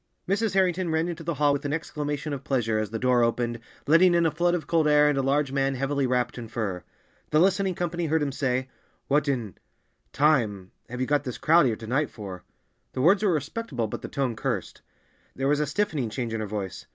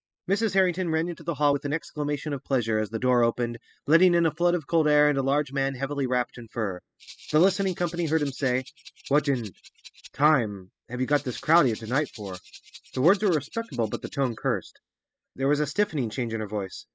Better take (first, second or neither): first